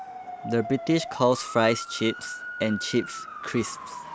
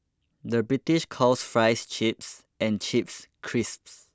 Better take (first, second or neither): second